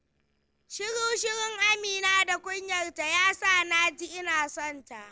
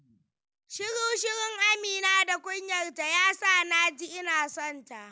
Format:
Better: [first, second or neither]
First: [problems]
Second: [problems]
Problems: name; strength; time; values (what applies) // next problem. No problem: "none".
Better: second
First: noise reduction (neural separator model SepFormer DNS4)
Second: none